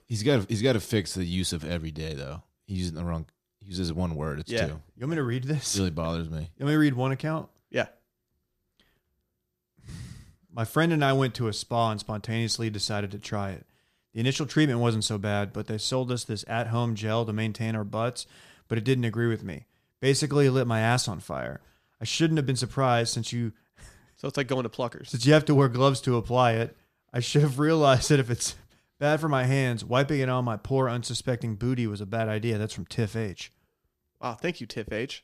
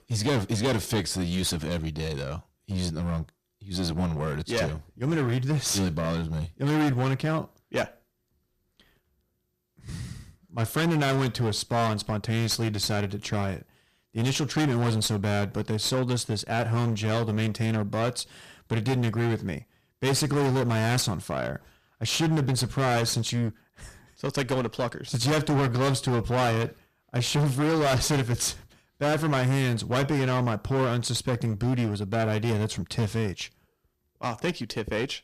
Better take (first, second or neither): first